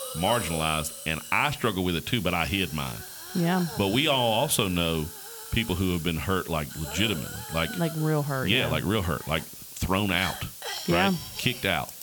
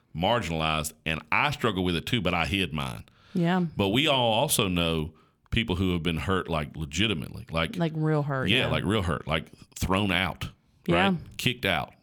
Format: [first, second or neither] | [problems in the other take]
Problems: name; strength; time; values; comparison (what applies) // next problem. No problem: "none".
second | hiss; noticeable; throughout; 10 dB below the speech